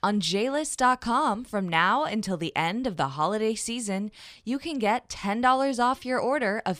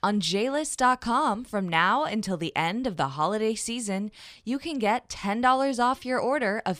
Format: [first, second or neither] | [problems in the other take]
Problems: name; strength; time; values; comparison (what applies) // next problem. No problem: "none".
neither | none